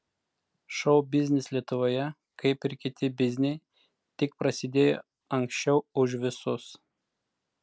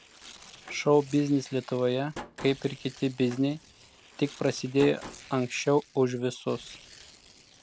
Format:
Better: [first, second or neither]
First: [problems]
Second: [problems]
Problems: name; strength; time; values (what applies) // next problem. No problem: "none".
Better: first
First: none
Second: background sound (Slam + Tearing); 19 dB below the speech